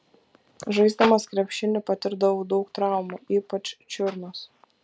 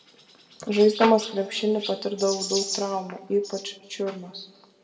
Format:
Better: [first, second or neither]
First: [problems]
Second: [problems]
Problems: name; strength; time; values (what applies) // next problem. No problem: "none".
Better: first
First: none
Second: background sound (Chirp, tweet); 12 dB below the speech // room echo; dies away in 1.6 s